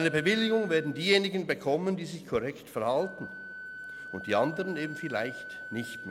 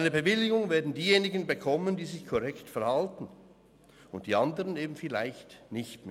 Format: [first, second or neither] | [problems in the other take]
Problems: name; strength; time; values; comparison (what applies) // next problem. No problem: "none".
second | background sound (Wind instrument, woodwind instrument); 14 dB below the speech